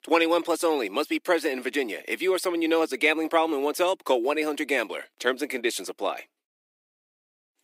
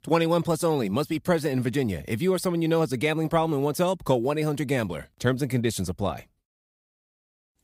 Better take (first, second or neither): second